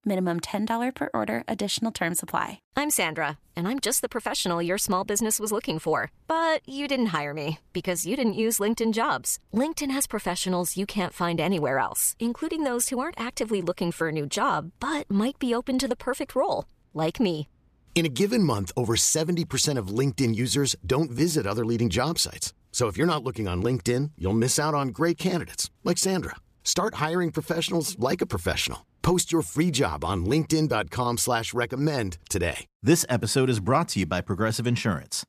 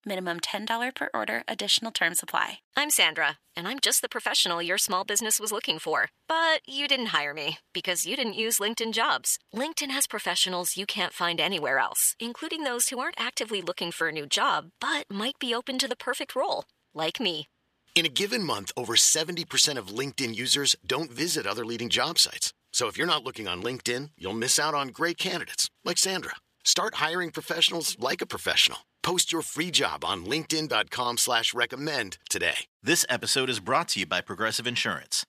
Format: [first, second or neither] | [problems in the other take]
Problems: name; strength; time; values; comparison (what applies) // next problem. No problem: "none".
first | thin; somewhat; fading below 700 Hz